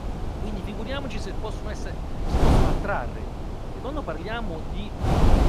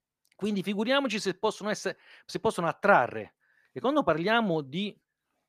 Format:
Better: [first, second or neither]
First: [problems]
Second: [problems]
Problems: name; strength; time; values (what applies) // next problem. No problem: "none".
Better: second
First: wind noise on the microphone; heavy; 1 dB above the speech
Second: none